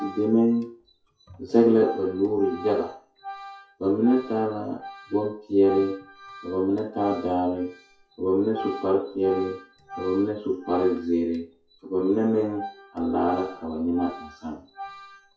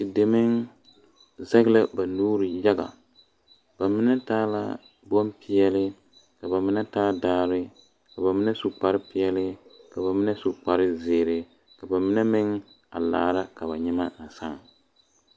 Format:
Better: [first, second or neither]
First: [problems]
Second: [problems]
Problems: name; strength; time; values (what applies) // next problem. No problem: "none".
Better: second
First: noise reduction (classical method WPE with log-MMSE)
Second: none